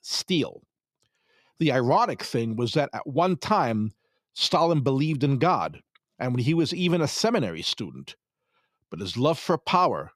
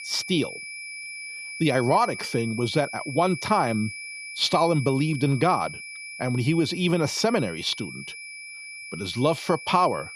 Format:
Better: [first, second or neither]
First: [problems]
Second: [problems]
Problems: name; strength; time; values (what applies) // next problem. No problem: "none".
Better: first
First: none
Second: high-pitched whine; noticeable; throughout; 2.5 kHz, 10 dB below the speech